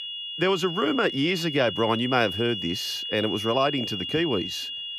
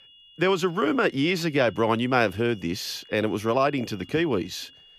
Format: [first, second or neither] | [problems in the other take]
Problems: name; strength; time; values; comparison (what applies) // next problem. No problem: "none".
second | high-pitched whine; loud; throughout; 3 kHz, 5 dB below the speech; faint in the second